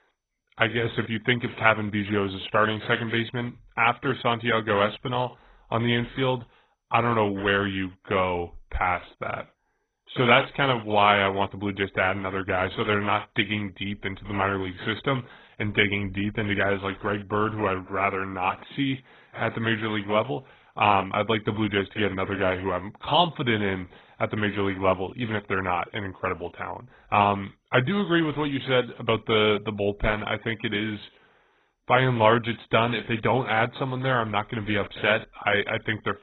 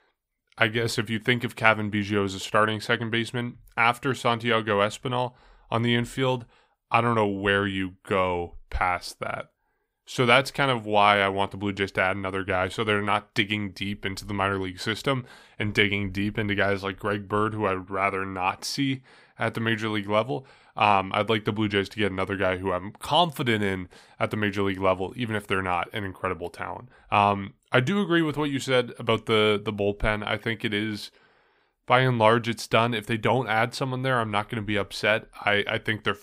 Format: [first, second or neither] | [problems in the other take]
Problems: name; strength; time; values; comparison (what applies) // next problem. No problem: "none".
second | garbled, watery; badly; nothing above 3.5 kHz